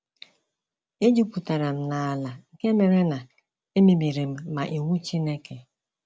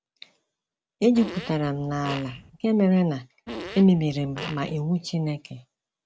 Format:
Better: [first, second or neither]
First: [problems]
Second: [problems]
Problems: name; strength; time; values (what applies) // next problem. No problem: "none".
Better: first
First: none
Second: background sound (Fart); 13 dB below the speech